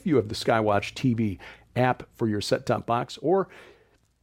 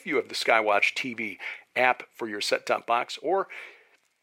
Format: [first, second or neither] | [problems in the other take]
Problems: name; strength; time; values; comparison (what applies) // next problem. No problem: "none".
first | thin; somewhat; fading below 500 Hz